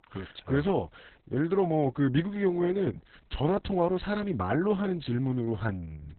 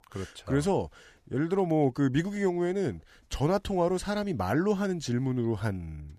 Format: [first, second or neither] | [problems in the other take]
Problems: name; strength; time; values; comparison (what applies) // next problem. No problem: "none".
second | garbled, watery; badly; nothing above 4 kHz